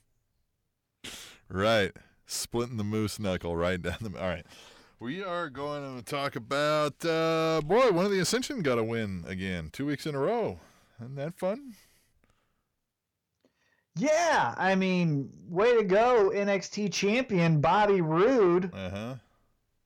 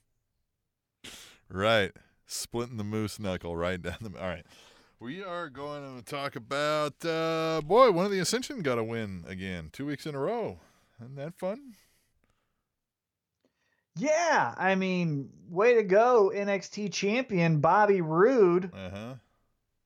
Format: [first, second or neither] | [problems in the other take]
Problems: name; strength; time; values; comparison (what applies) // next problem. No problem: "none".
second | distortion; slight; 10 dB below the speech